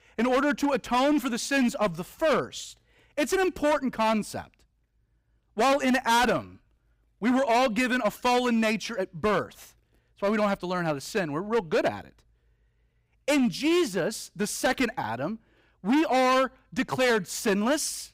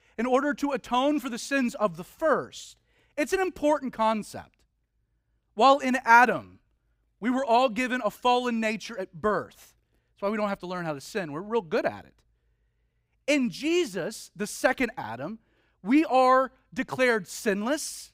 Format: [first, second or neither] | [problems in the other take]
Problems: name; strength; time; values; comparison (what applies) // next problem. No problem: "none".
second | distortion; heavy; 11% of the sound clipped